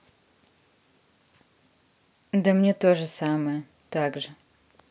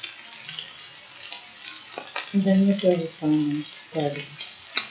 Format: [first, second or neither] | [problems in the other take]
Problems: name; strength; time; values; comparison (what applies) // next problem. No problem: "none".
first | noise reduction (classical method WPE with log-MMSE)